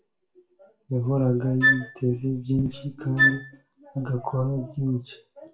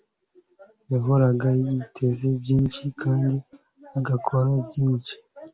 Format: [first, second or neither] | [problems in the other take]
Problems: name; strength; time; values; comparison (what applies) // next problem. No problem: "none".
second | background sound (Wind instrument, woodwind instrument); 2 dB above the speech // room echo; dies away in 0.3 s